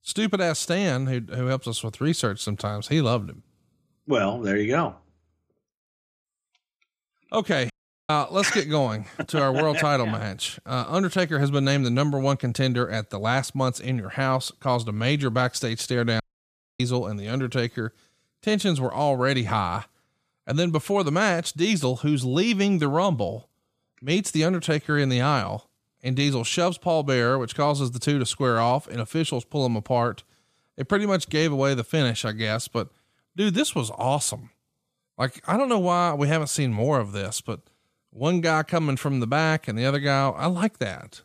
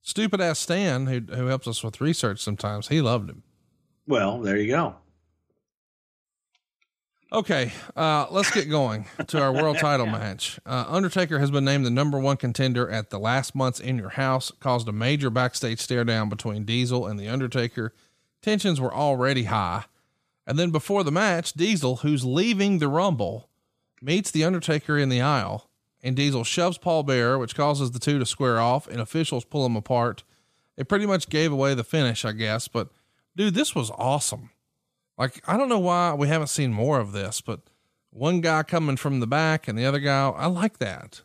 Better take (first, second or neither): second